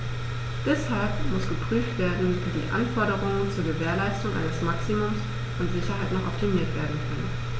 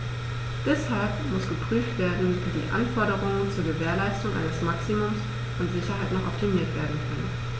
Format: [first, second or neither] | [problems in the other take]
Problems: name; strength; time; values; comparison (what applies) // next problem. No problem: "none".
second | background sound (Livestock, farm animals, working animals); 8 dB below the speech